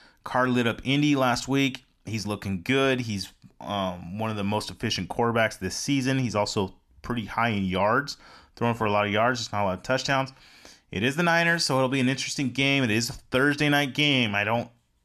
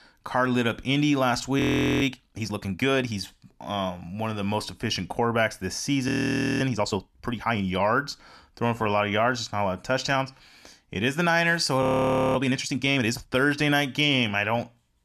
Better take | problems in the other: first | audio freezing; at 1.5 s, at 6 s for 0.5 s and at 12 s for 0.5 s

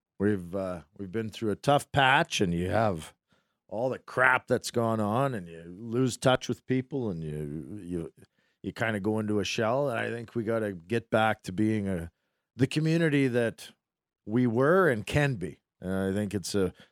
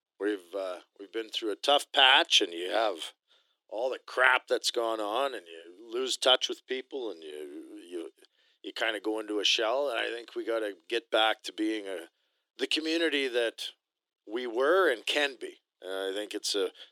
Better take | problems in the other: first | thin; very; fading below 300 Hz

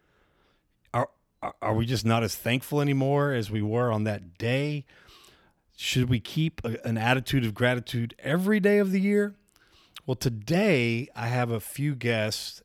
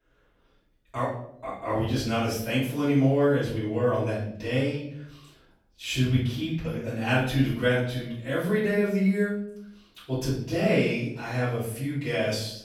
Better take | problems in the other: first | off-mic speech; far // room echo; noticeable; dies away in 0.6 s

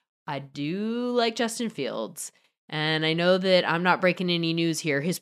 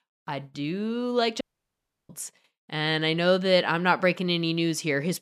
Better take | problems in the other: first | audio cutting out; at 1.5 s for 0.5 s

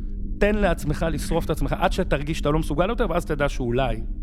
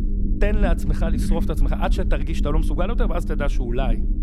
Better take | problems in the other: first | low rumble; loud; throughout; 8 dB below the speech; faint in the first

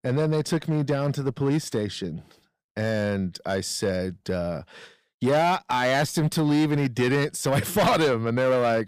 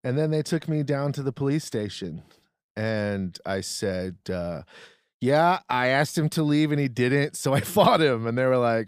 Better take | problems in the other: second | distortion; slight; 8% of the sound clipped

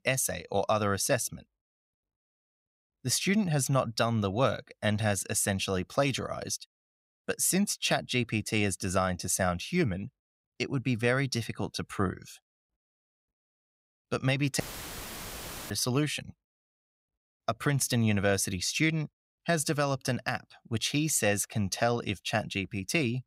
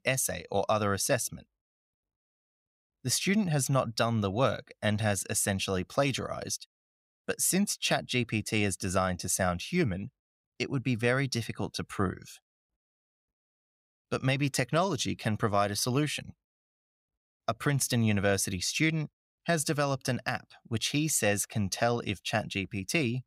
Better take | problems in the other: second | audio cutting out; filled with static; at 15 s for 1 s

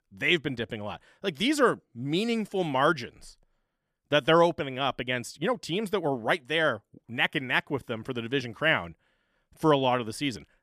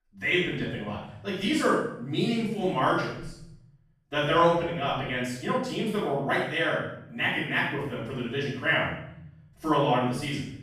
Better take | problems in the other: first | room echo; strong; dies away in 0.8 s // off-mic speech; far

